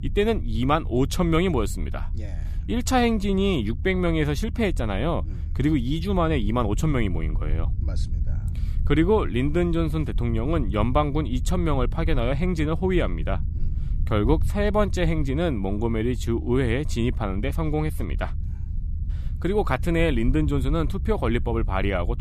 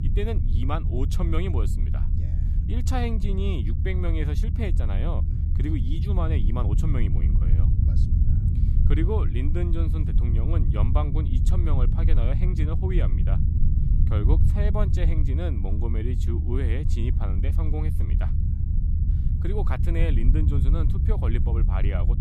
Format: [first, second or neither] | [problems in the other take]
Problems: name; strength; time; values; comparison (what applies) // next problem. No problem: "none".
first | low rumble; loud; throughout; 4 dB below the speech; faint in the first